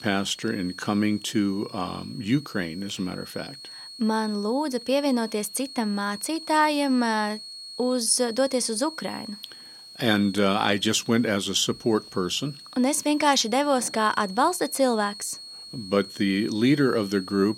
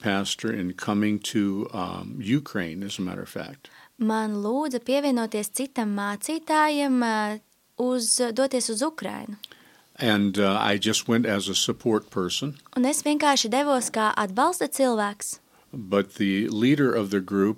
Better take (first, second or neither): second